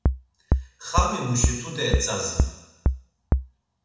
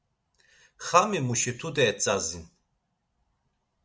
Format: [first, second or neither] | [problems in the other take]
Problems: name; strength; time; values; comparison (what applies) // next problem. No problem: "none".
second | background sound (Bass drum); 4 dB above the speech // room echo; dies away in 1.1 s